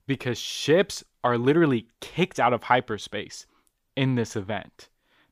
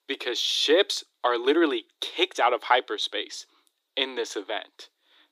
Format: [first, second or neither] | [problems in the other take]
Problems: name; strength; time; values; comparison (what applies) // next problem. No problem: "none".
first | thin; somewhat; fading below 300 Hz